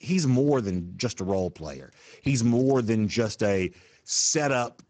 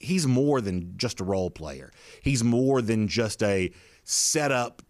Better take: second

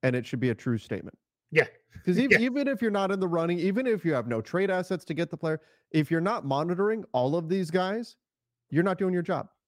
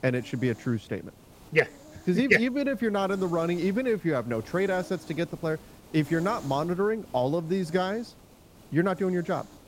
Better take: first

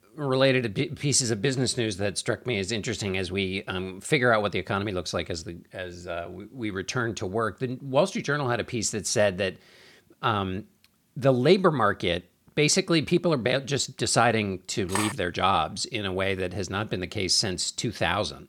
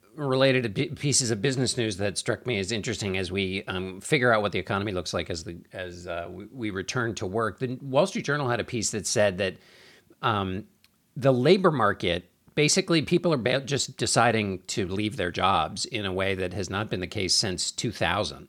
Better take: second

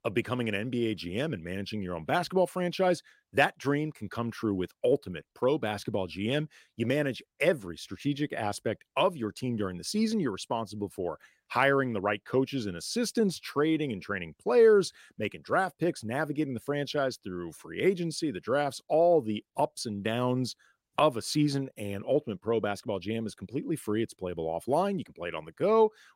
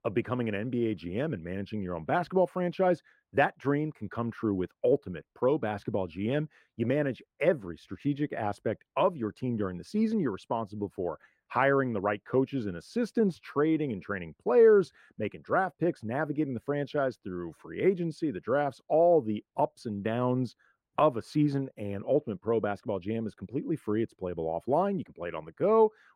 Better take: first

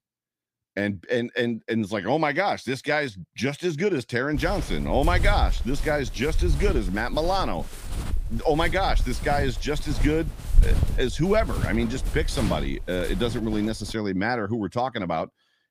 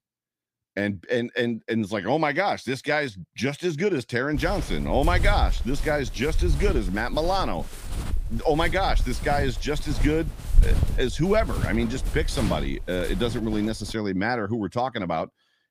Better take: neither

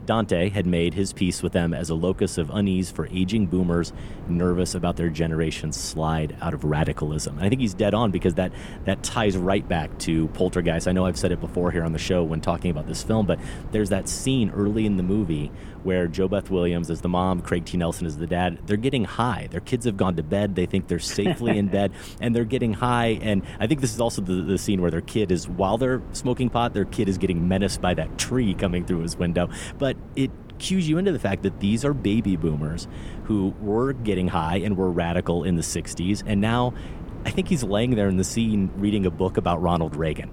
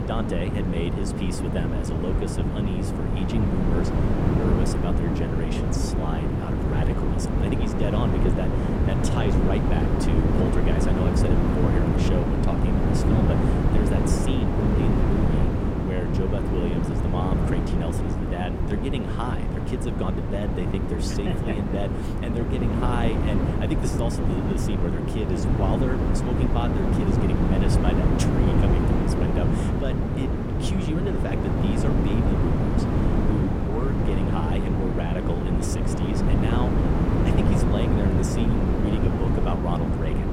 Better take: first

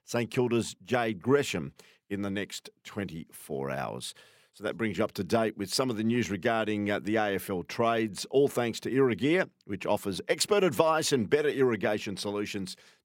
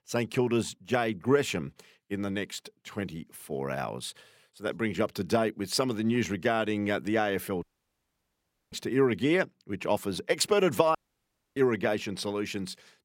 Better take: first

